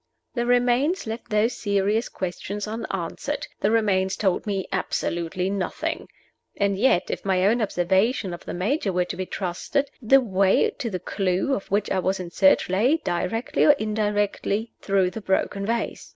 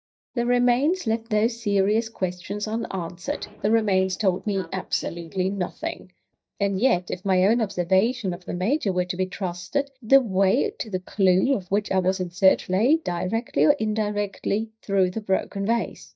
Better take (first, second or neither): first